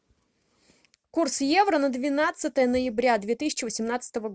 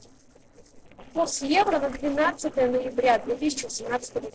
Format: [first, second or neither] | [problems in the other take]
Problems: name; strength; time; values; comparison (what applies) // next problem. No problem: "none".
first | noise reduction (neural separator model SepFormer DNS4)